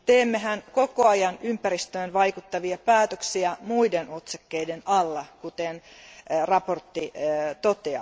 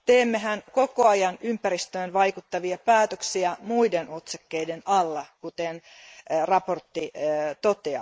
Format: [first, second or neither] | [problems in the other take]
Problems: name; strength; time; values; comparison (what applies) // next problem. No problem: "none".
first | noise reduction (neural mask model Resemble Enhance denoiser)